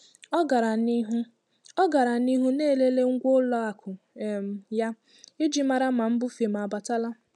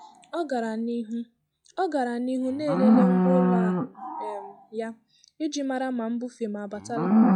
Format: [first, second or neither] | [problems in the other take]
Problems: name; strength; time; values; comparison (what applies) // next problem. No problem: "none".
first | noise reduction (classical method log-MMSE)